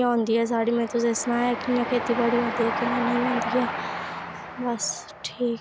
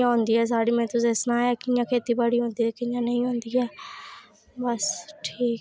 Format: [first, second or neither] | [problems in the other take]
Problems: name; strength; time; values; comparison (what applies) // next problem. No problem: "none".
second | background sound (Train); 6 dB below the speech